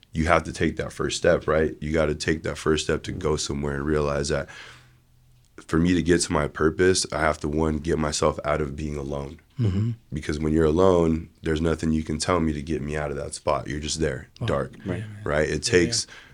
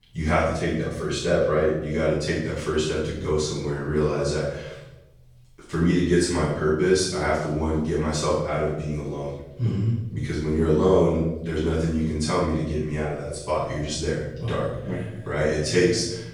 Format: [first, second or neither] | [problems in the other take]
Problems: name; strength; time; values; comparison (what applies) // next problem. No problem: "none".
first | off-mic speech; far // room echo; noticeable; dies away in 0.8 s